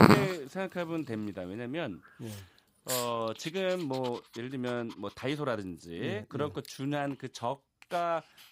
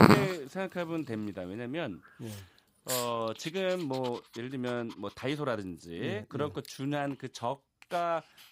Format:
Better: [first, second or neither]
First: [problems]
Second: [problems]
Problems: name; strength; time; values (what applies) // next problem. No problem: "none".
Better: neither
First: animal sounds; very loud; throughout; 2 dB above the speech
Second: animal sounds; very loud; throughout; 2 dB above the speech